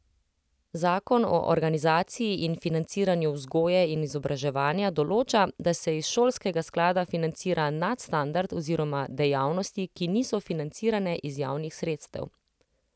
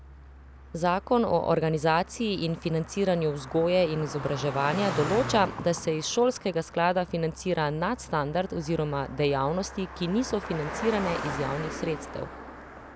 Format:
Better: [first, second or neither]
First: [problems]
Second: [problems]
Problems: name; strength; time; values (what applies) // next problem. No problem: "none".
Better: first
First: none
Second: background sound (Car passing by); 11 dB below the speech